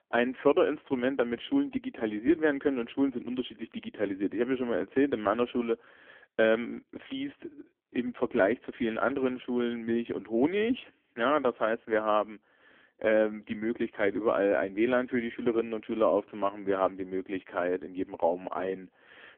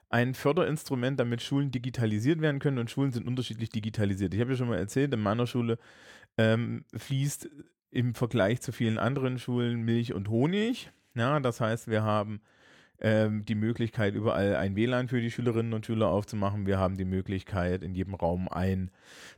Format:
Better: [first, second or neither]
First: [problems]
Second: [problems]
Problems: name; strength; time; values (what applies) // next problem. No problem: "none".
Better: second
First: phone-call audio; poor line; nothing above 3.5 kHz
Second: none